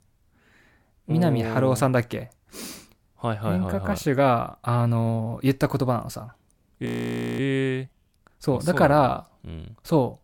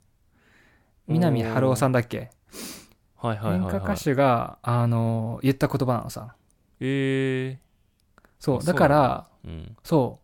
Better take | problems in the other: second | audio freezing; at 7 s for 0.5 s

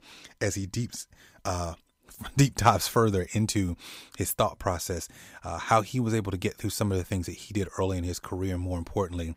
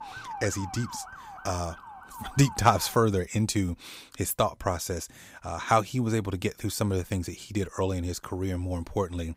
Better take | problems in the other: first | siren; faint; until 3 s; peak 10 dB below the speech

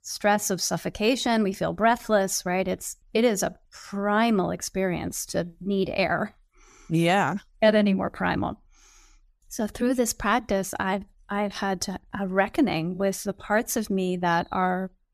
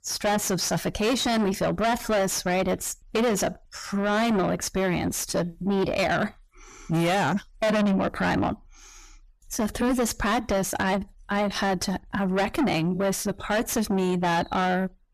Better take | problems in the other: first | distortion; heavy; 5 dB below the speech

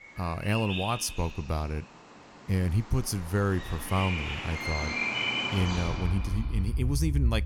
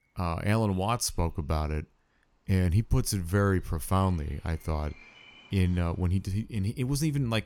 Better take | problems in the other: second | animal sounds; loud; throughout; 1 dB below the speech; faint in the second

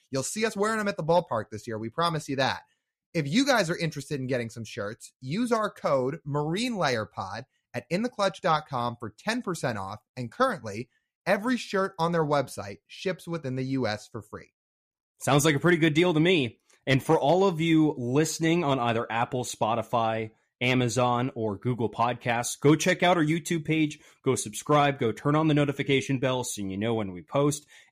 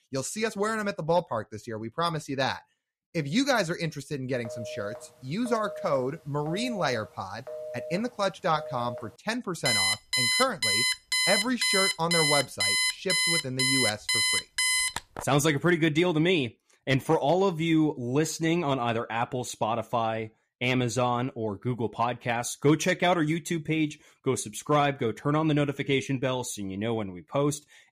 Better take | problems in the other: first | phone ringing; noticeable; from 4.5 to 9 s; peak 10 dB below the speech // alarm; loud; from 9.5 to 15 s; peak 5 dB above the speech

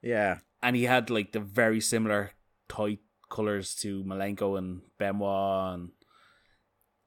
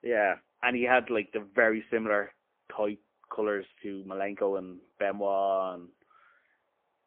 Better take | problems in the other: first | phone-call audio; poor line

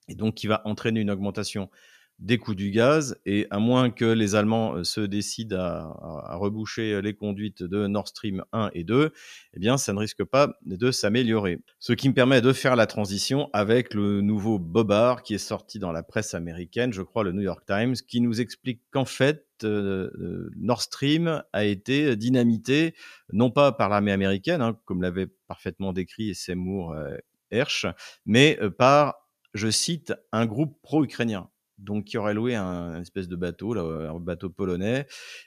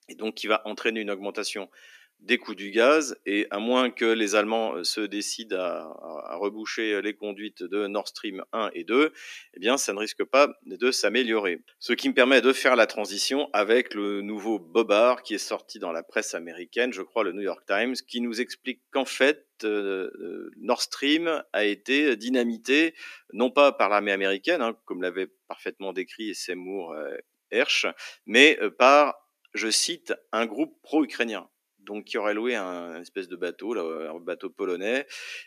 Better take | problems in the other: first | thin; somewhat; fading below 250 Hz

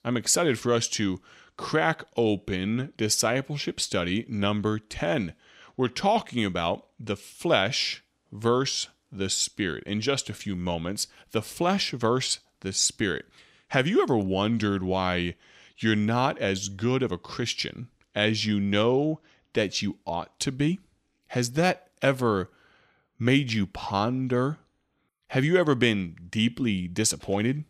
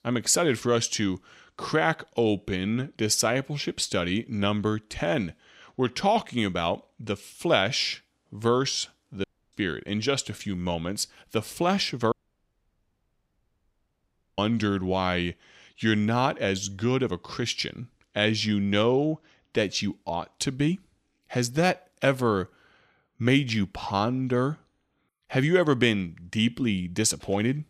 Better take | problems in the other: first | audio cutting out; at 9 s and at 12 s for 2.5 s

